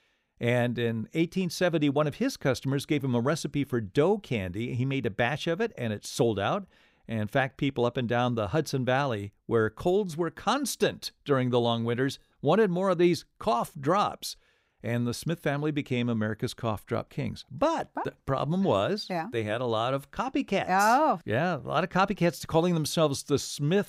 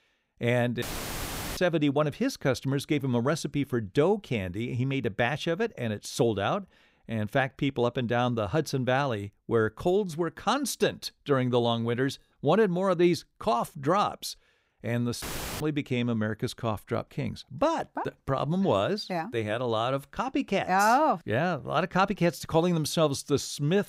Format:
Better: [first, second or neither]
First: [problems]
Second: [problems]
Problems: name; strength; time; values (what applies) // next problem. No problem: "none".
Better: first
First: none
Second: audio cutting out; filled with static; at 1 s for 1 s and at 15 s